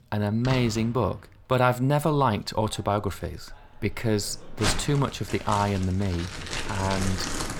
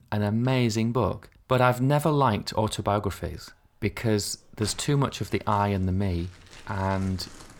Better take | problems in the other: second | household noises; loud; throughout; 7 dB below the speech; faint in the second

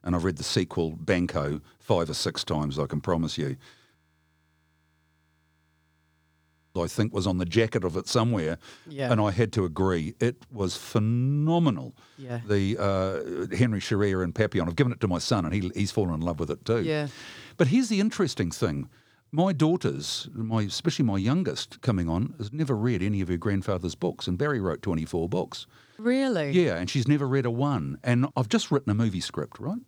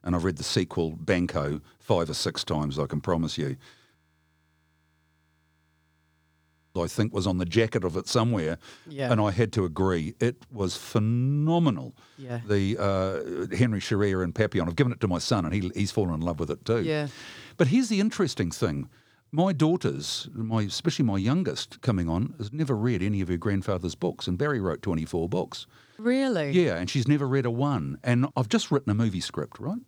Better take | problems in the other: neither | audio freezing; at 4 s for 3 s; the same in both

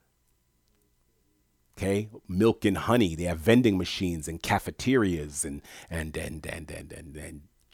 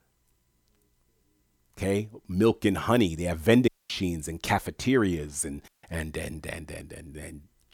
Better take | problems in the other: first | audio cutting out; at 3.5 s and at 5.5 s

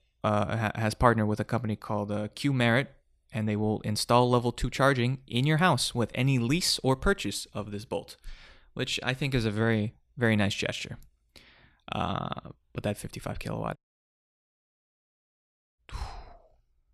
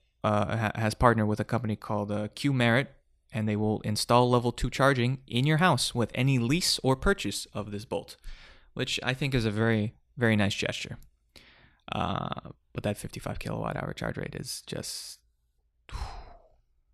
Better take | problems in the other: second | audio cutting out; at 14 s for 2 s

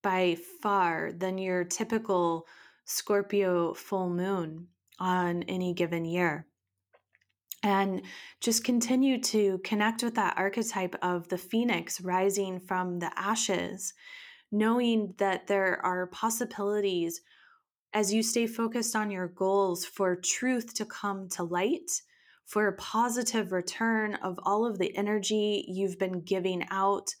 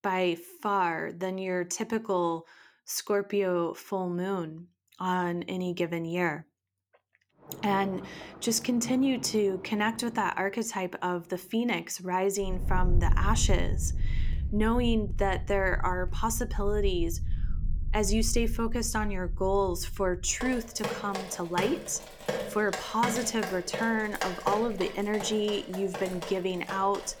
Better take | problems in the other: first | rain or running water; loud; from 7.5 s on; 6 dB below the speech

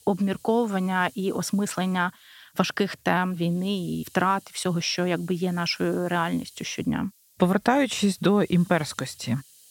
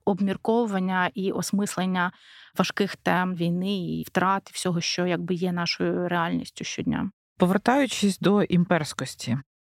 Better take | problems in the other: second | hiss; faint; throughout; 25 dB below the speech

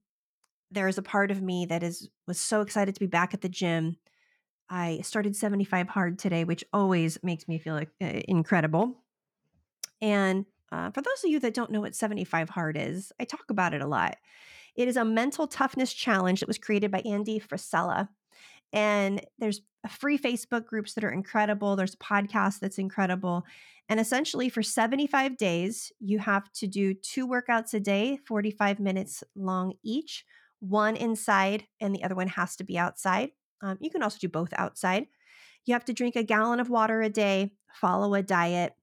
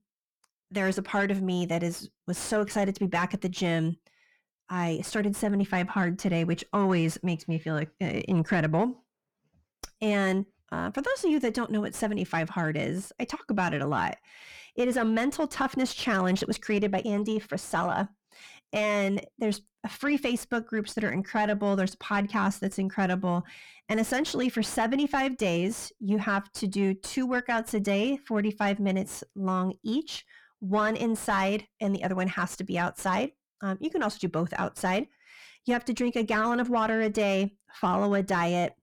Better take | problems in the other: first | distortion; slight; 10 dB below the speech

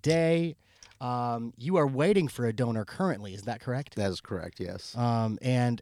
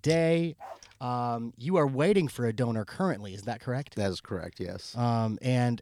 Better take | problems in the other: first | dog barking; faint; at 0.5 s; peak 15 dB below the speech

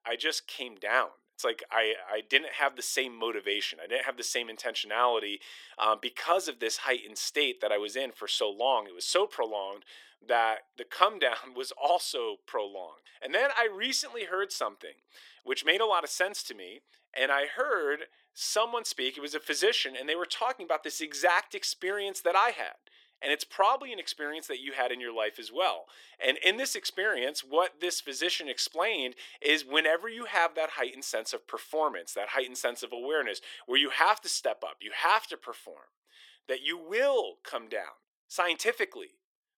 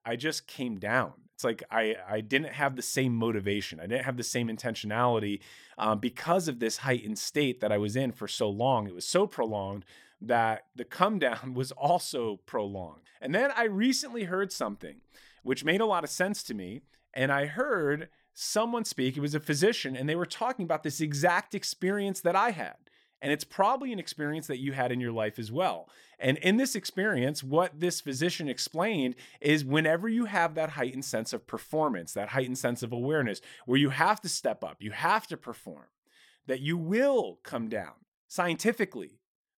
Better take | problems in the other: second | thin; very; fading below 350 Hz

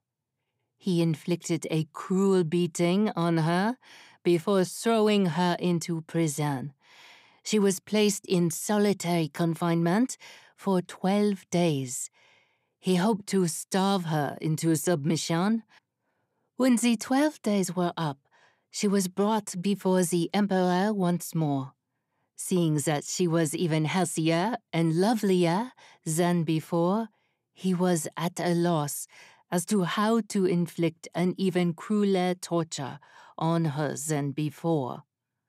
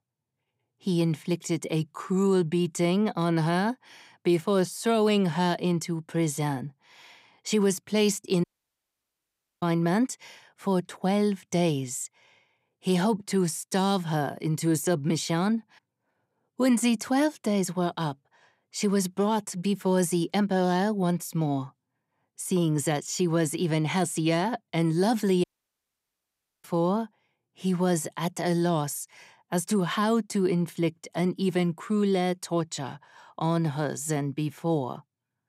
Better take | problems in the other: first | audio cutting out; at 8.5 s for 1 s and at 25 s for 1 s

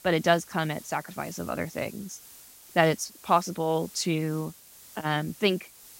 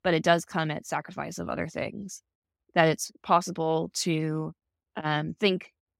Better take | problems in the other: second | hiss; noticeable; throughout; 20 dB below the speech

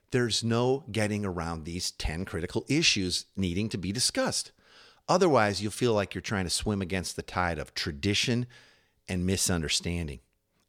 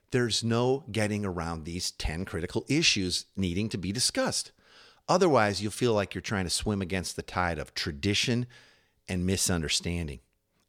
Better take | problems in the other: neither | none

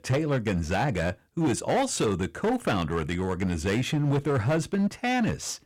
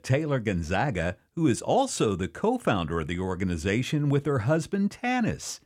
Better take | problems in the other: second | distortion; slight; 12% of the sound clipped

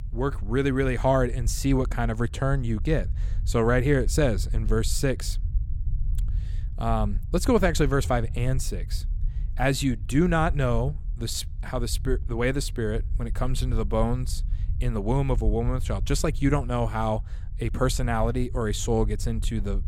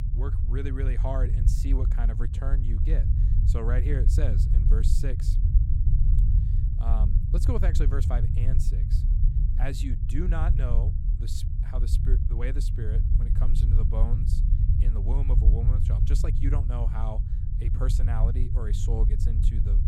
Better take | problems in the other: first | low rumble; loud; throughout; 3 dB below the speech; faint in the first

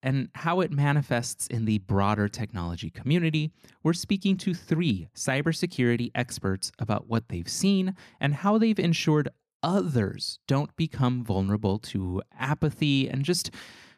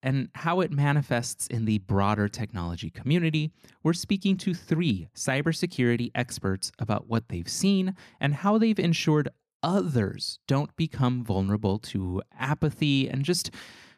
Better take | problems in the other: neither | none

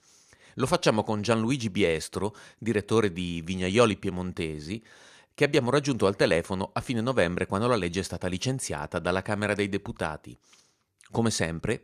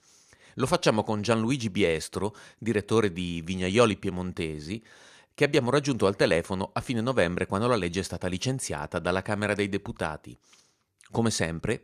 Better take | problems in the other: neither | none

